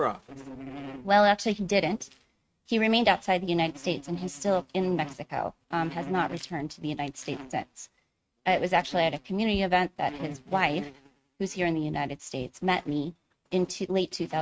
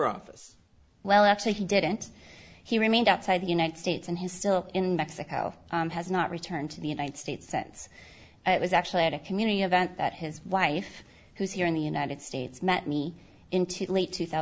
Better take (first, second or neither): second